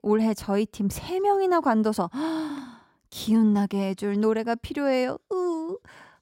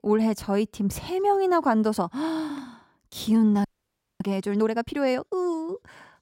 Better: first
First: none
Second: audio freezing; at 3.5 s for 0.5 s

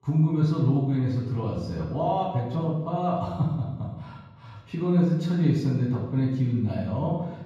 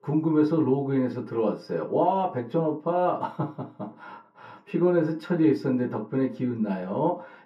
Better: second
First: room echo; strong; dies away in 1.3 s // off-mic speech; far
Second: room echo; slight; dies away in 0.3 s // off-mic speech; far

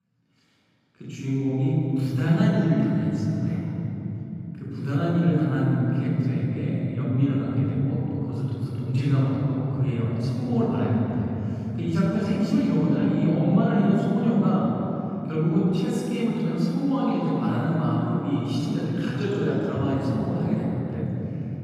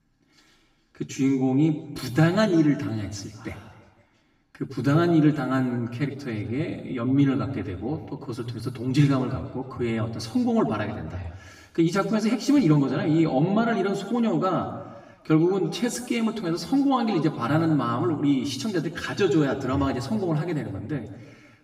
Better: second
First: room echo; strong; dies away in 3 s // off-mic speech; far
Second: room echo; slight; dies away in 1.1 s // off-mic speech; far

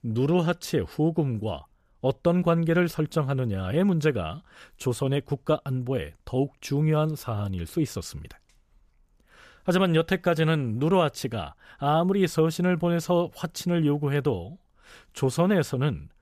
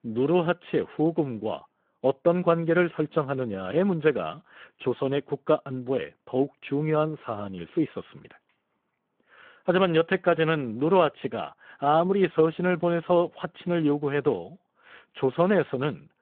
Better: first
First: none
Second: phone-call audio

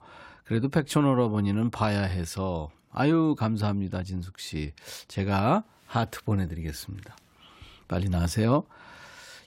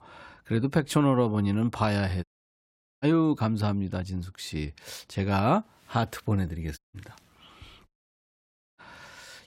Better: first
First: none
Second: audio cutting out; at 2 s for 1 s, at 7 s and at 8 s for 1 s

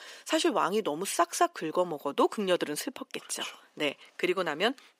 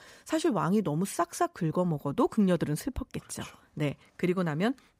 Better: second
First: thin; somewhat; fading below 350 Hz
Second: none

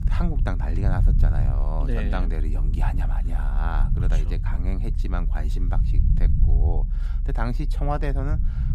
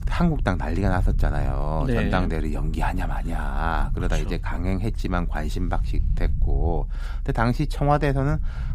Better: second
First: low rumble; loud; throughout; 8 dB below the speech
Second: low rumble; faint; throughout; 20 dB below the speech

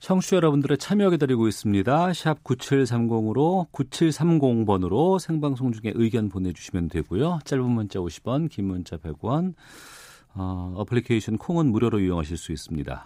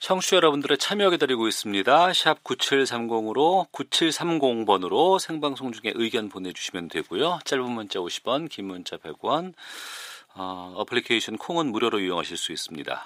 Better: first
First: none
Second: thin; somewhat; fading below 500 Hz

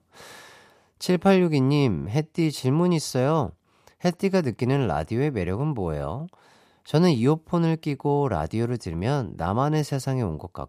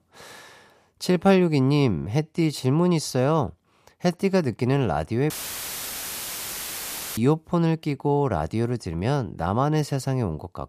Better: first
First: none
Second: audio cutting out; filled with static; at 5.5 s for 2 s

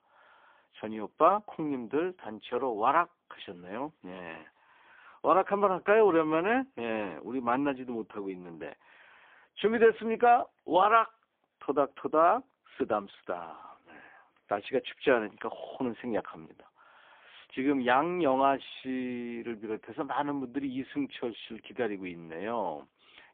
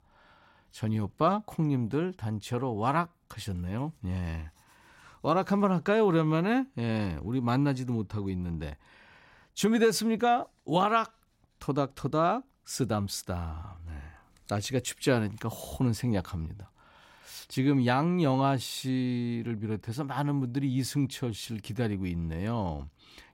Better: second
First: phone-call audio; poor line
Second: none

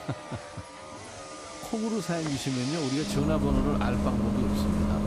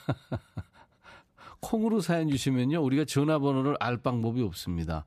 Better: second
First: traffic noise; very loud; throughout; as loud as the speech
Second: none

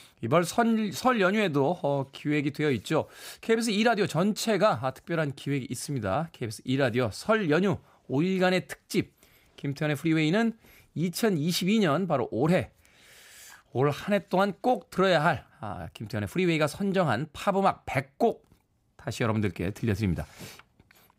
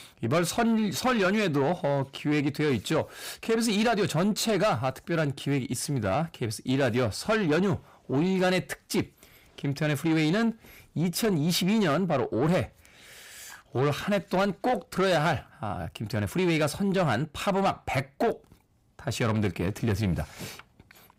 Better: first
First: none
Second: distortion; slight; 10 dB below the speech

